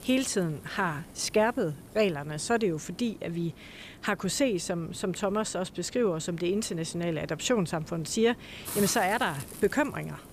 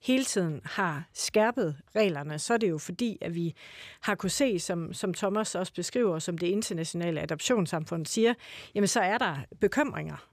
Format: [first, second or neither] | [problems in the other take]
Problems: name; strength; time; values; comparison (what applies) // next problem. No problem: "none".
second | hiss; noticeable; throughout; 15 dB below the speech